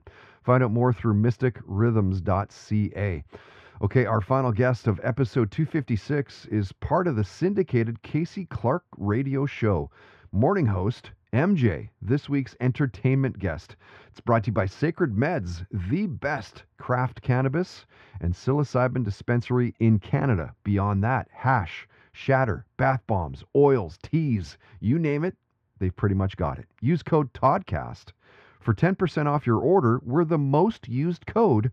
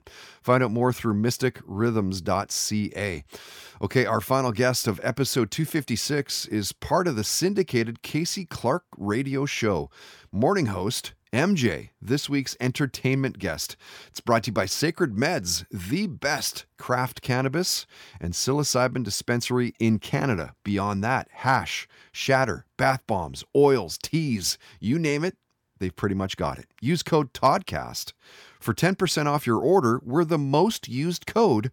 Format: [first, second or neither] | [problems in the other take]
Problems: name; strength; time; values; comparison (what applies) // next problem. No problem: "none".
second | muffled; very; fading above 2 kHz